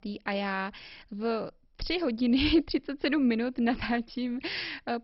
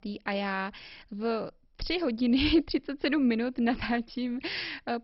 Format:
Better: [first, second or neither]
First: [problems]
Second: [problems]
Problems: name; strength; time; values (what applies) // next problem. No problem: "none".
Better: neither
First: garbled, watery; badly; nothing above 5.5 kHz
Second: garbled, watery; badly; nothing above 5.5 kHz